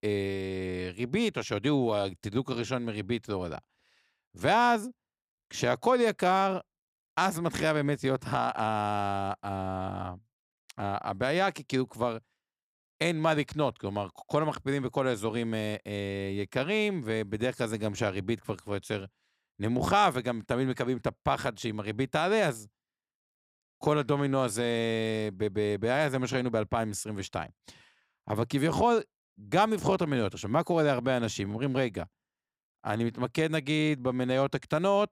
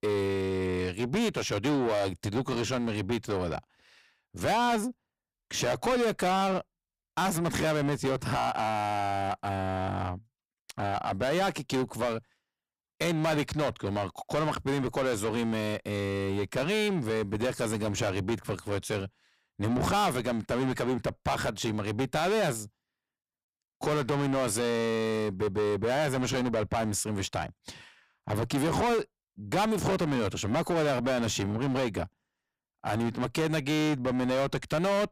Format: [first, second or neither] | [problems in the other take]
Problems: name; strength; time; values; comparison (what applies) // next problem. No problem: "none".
first | distortion; heavy; 6 dB below the speech